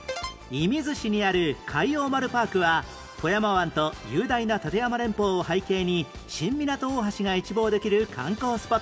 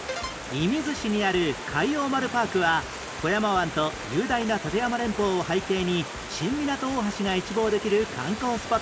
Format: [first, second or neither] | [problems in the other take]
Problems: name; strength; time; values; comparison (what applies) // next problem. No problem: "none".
first | background sound (Stream); 10 dB below the speech